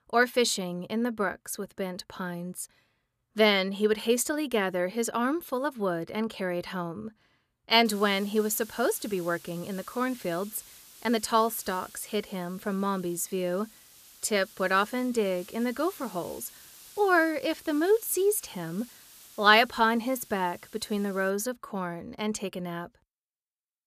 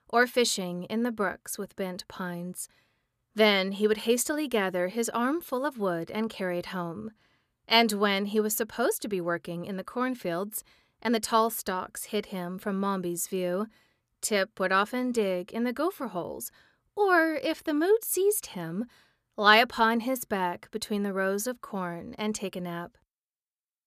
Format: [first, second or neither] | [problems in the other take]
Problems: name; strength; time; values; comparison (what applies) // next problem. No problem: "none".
second | hiss; faint; from 8 to 21 s; 20 dB below the speech